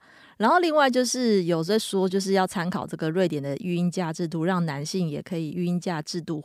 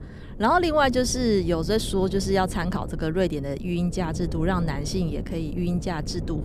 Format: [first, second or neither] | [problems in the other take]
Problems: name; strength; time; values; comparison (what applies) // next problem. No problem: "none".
first | wind noise on the microphone; occasional gusts; 15 dB below the speech